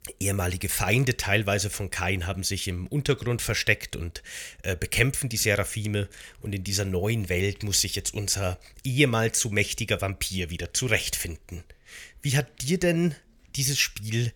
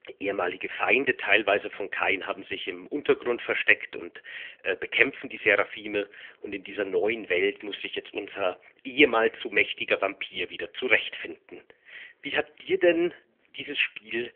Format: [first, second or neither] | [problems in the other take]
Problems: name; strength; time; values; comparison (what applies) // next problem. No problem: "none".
first | phone-call audio; nothing above 3 kHz